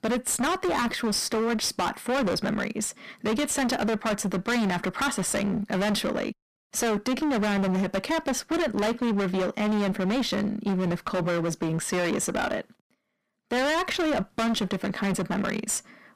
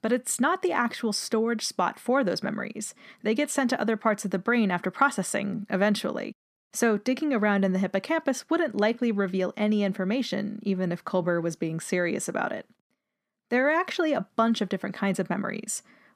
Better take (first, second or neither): second